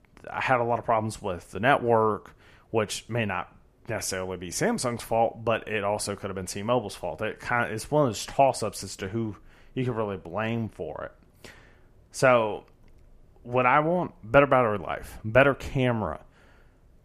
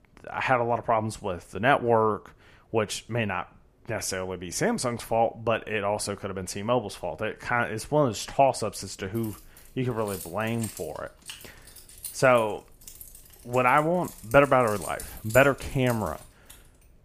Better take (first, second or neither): first